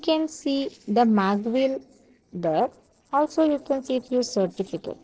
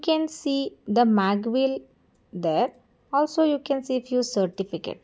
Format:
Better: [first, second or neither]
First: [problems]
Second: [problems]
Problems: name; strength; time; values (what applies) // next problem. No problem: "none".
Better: second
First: noise reduction (neural separator model SepFormer DNS4)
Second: none